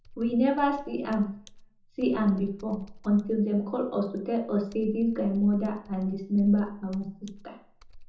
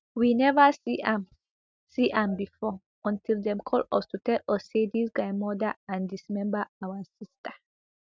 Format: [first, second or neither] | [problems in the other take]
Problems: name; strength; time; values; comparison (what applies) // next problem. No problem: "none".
second | background sound (Computer keyboard); 20 dB below the speech // room echo; dies away in 0.5 s